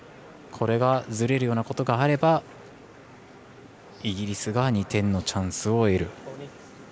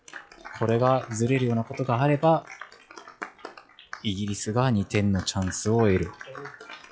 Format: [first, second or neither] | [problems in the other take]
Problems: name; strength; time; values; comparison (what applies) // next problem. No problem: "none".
first | noise reduction (classical method log-MMSE)